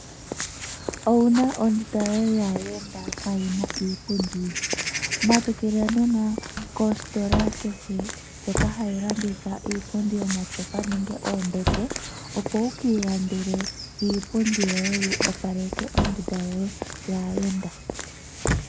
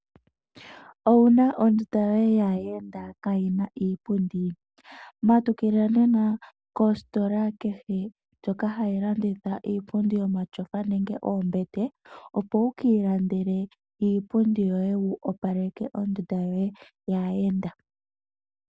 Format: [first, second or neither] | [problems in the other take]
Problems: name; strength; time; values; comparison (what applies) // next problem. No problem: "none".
second | background sound (Walk, footsteps / Bird vocalization, bird call, bird song + Slam); 5 dB below the speech